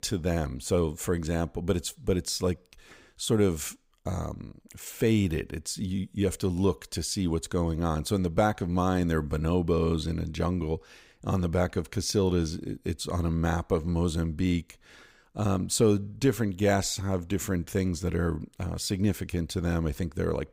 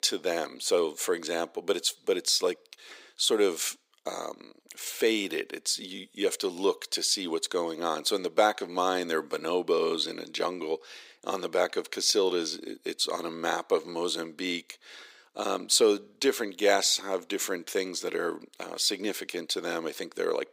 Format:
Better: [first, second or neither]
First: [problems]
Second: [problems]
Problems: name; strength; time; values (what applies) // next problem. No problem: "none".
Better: first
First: none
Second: thin; very; fading below 350 Hz